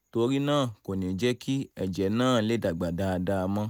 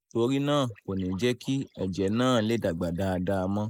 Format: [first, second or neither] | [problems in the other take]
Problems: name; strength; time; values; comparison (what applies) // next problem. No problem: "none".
first | noise reduction (neural mask model Resemble Enhance denoiser)